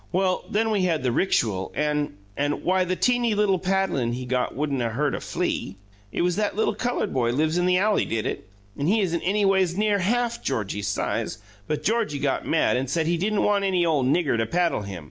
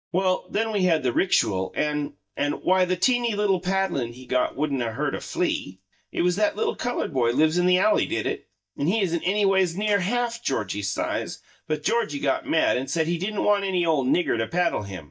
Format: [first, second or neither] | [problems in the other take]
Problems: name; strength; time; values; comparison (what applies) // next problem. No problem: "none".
first | noise reduction (neural mask model DeepFilterNet 3)